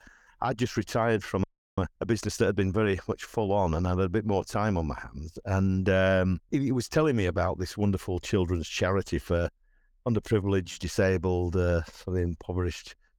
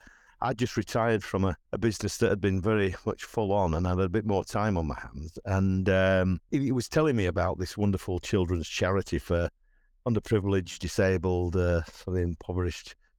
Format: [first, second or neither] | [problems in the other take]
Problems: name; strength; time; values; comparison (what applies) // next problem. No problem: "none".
second | audio freezing; at 1.5 s